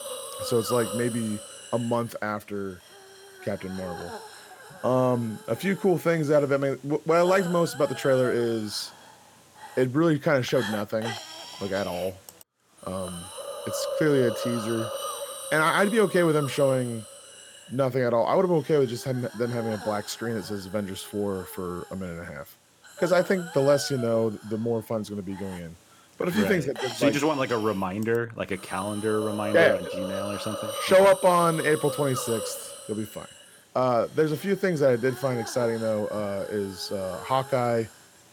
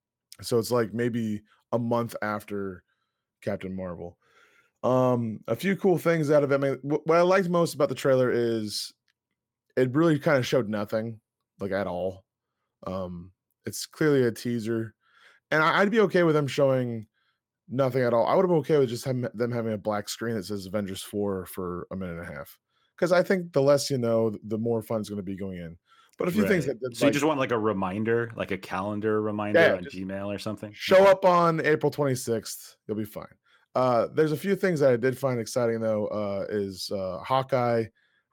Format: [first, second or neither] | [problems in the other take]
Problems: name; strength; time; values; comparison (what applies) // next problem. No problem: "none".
second | hiss; noticeable; throughout; 10 dB below the speech